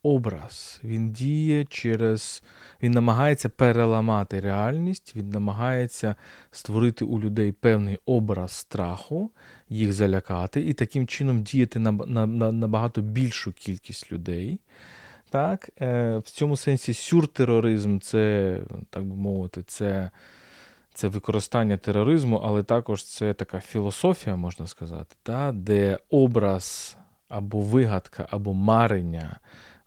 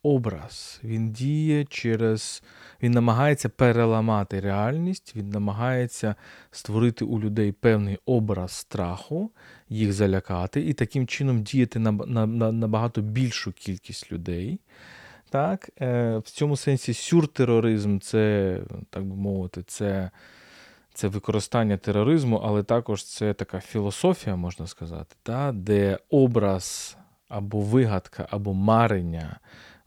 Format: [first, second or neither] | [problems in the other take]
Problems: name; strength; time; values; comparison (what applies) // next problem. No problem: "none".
second | garbled, watery; slightly; nothing above 19.5 kHz